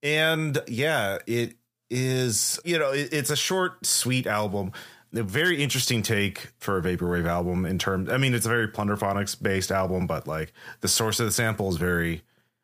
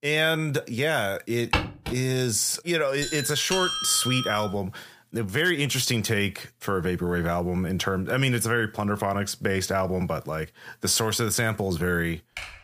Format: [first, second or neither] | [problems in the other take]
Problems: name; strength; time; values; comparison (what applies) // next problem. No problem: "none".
first | footsteps; noticeable; at 1.5 s; peak 1 dB below the speech // doorbell; noticeable; from 3 to 4.5 s; peak level with the speech // keyboard typing; faint; at 12 s; peak 10 dB below the speech